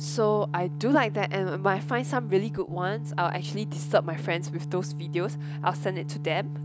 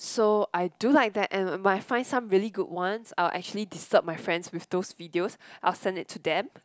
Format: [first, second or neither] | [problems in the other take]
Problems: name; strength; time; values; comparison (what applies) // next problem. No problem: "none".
second | background sound (Organ); 5 dB below the speech